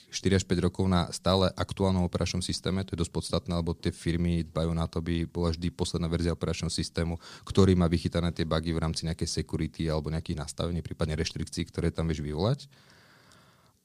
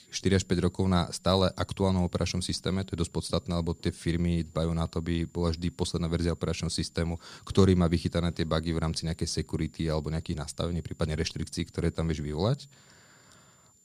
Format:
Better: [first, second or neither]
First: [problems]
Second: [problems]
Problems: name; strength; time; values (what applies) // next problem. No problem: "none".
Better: first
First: none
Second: high-pitched whine; faint; throughout; 7 kHz, 30 dB below the speech